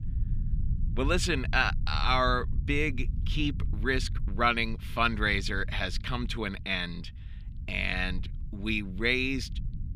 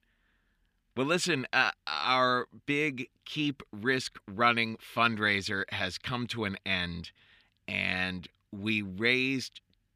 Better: second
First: low rumble; faint; throughout; 25 dB below the speech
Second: none

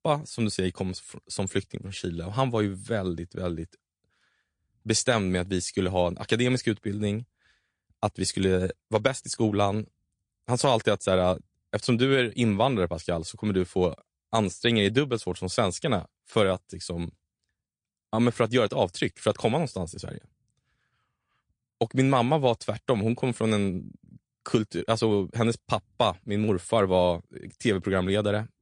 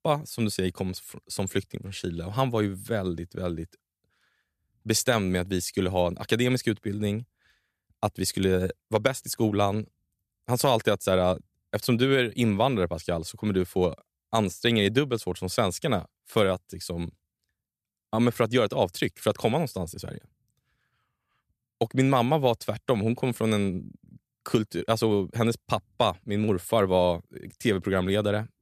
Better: second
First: garbled, watery; slightly; nothing above 9 kHz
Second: none

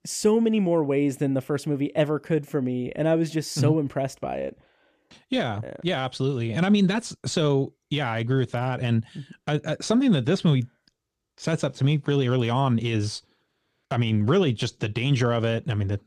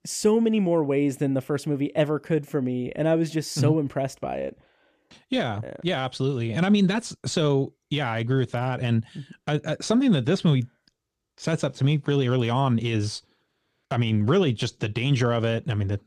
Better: neither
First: none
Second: none

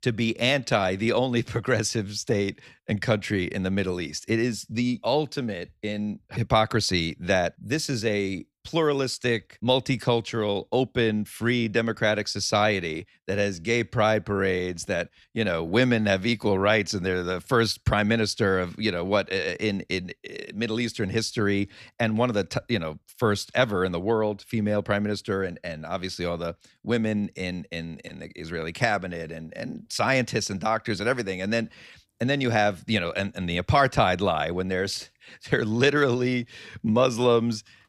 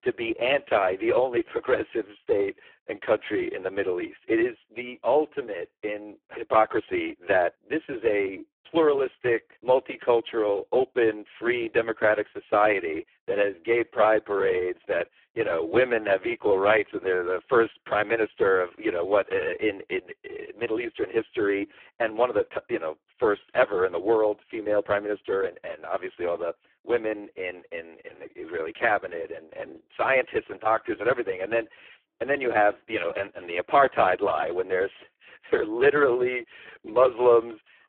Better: first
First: none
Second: phone-call audio; poor line

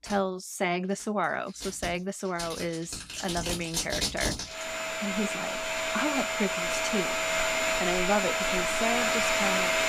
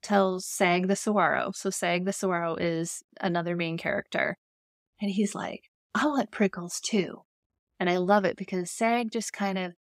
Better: second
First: household noises; very loud; throughout; 4 dB above the speech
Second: none

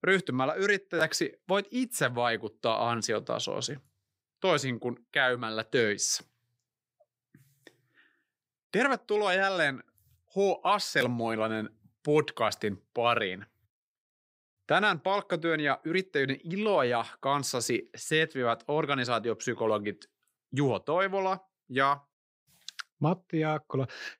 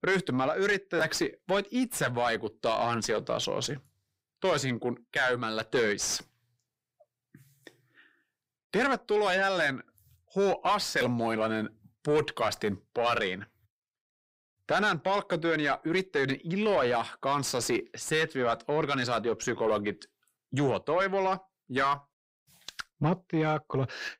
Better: first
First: none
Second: distortion; slight; 10 dB below the speech

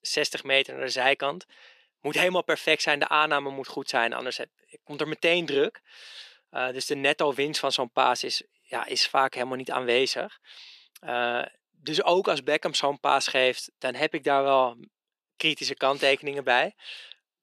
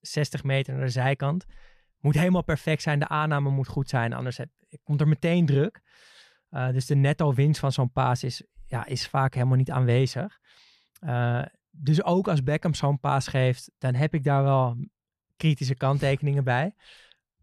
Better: second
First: thin; very; fading below 300 Hz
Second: none

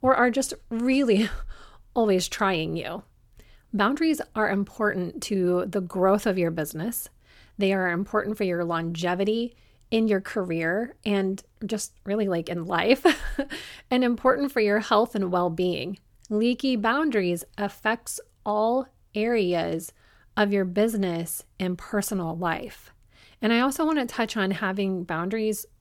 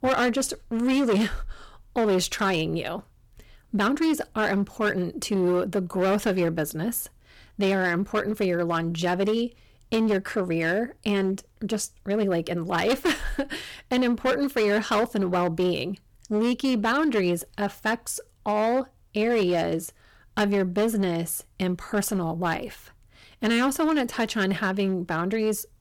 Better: first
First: none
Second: distortion; slight; 9% of the sound clipped

